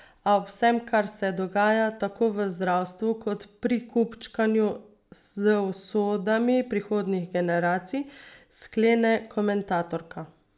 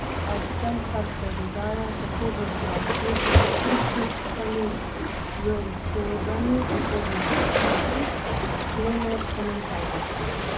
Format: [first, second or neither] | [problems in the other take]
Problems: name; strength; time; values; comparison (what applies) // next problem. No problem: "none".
first | background sound (Waves, surf); 5 dB above the speech // room echo; dies away in 0.4 s